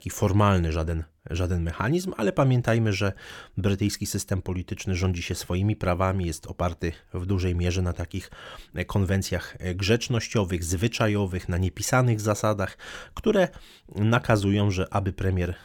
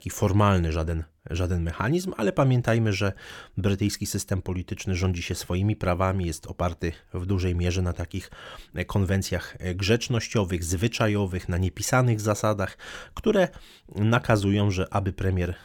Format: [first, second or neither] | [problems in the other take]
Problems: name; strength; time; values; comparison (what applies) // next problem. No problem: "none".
neither | none